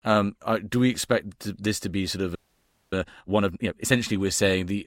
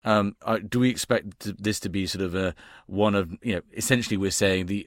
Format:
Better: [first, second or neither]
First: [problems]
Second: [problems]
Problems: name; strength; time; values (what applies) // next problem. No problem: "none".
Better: second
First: audio freezing; at 2.5 s for 0.5 s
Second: none